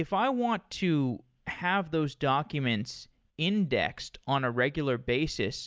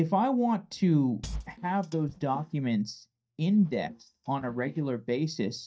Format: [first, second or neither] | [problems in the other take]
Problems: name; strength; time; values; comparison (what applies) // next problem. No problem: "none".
first | noise reduction (neural mask model DeepFilterNet 3)